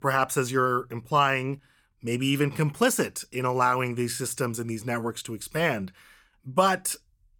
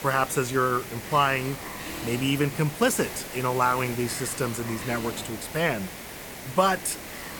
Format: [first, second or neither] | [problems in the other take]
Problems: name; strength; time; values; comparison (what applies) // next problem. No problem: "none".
first | hiss; loud; throughout; 10 dB below the speech